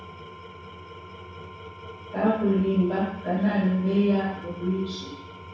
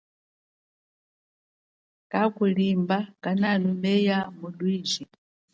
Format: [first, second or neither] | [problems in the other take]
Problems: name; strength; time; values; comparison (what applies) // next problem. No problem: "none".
second | background sound (Engine / Tools); 15 dB below the speech // room echo; dies away in 0.7 s